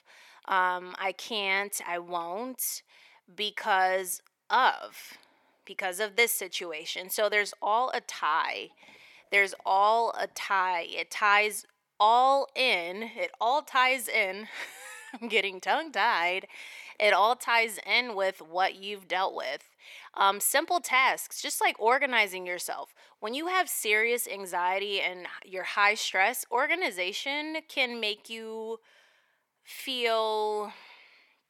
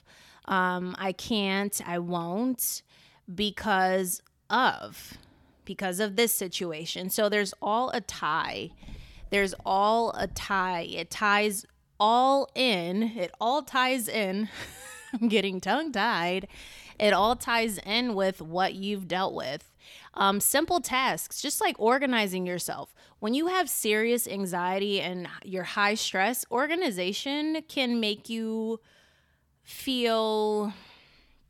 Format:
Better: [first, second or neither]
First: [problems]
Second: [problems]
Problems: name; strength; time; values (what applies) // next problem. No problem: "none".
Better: second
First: thin; somewhat; fading below 500 Hz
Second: none